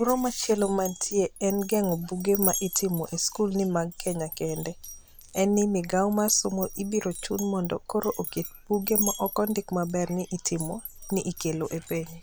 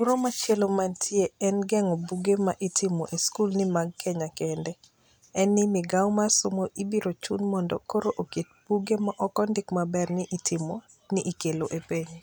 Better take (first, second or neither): second